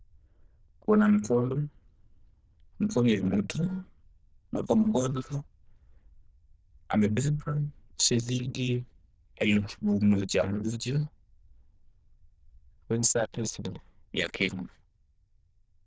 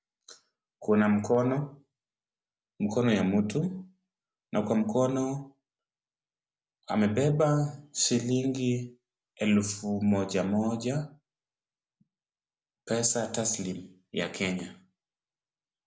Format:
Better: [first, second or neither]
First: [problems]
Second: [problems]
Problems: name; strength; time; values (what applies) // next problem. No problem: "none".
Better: second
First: noise reduction (neural diffusion model UNIVERSE++)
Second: none